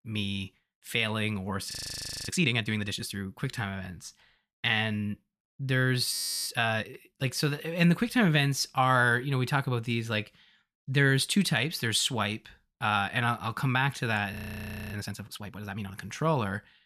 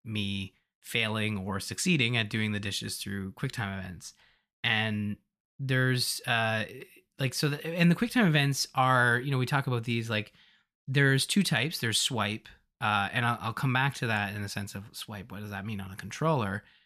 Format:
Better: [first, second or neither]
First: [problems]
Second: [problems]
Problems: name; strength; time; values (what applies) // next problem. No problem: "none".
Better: second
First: audio freezing; at 1.5 s for 0.5 s, at 6 s and at 14 s for 0.5 s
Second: none